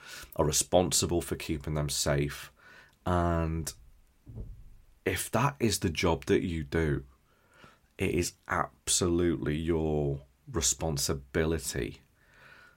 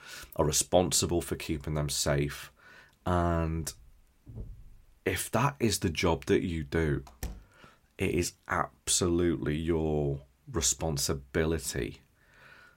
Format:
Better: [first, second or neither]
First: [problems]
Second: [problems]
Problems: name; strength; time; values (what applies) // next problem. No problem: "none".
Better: first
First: none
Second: door banging; faint; at 7 s; peak 15 dB below the speech